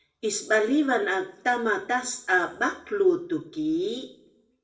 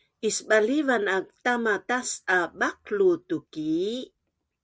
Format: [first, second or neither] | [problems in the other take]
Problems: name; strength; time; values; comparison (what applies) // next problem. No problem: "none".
second | room echo; dies away in 0.5 s